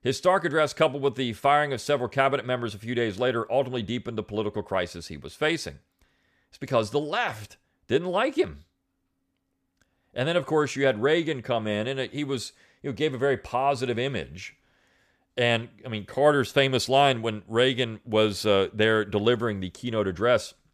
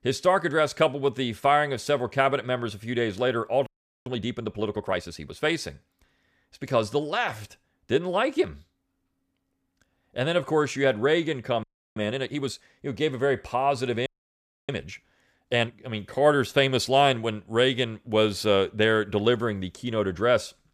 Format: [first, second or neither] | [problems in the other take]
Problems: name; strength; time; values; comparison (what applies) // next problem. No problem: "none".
first | audio freezing; at 3.5 s, at 12 s and at 14 s for 0.5 s